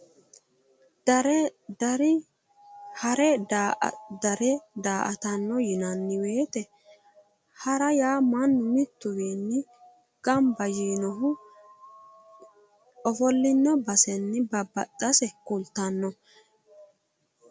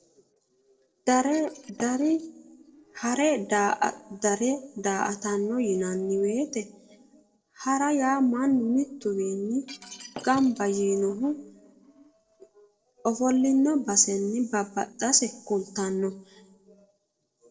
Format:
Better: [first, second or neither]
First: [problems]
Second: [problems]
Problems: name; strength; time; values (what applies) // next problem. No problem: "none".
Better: first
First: none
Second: noise reduction (neural separator model SepFormer DNS4)